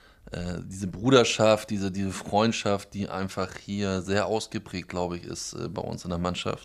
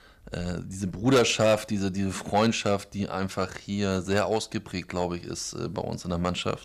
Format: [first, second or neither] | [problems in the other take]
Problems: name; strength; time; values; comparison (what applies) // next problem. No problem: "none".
first | distortion; slight; 1.7% of the sound clipped